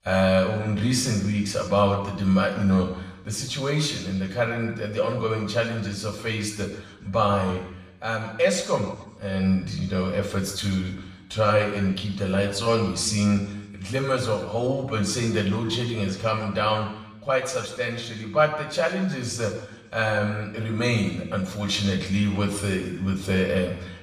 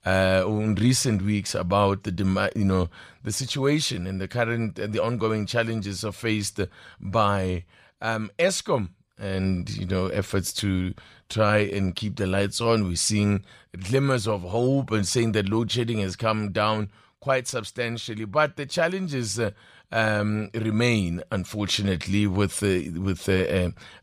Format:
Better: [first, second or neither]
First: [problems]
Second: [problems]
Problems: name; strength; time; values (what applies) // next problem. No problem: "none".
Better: second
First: room echo; noticeable; dies away in 0.9 s // off-mic speech; somewhat distant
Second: none